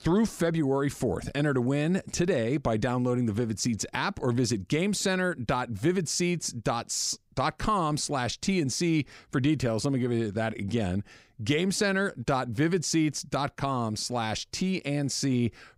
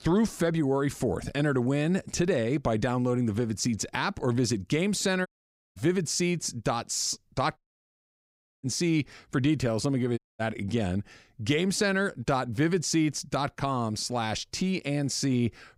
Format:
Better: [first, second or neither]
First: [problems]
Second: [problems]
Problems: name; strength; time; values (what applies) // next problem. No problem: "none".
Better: first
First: none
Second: audio cutting out; at 5.5 s, at 7.5 s for 1 s and at 10 s